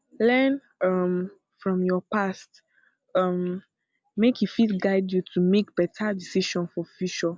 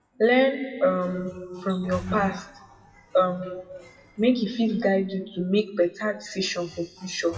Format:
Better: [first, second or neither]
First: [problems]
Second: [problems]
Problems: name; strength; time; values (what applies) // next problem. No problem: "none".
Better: first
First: none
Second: noise reduction (classical method WPE with log-MMSE)